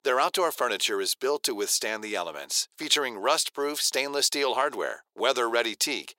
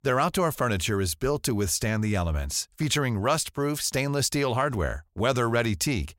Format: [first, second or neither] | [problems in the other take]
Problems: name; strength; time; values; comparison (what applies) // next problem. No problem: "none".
second | thin; very; fading below 350 Hz